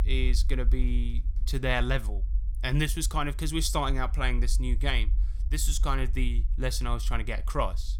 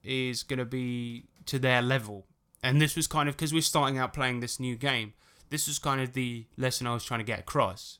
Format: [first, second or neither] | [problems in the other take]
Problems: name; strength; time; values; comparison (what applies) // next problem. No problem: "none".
second | low rumble; faint; throughout; 20 dB below the speech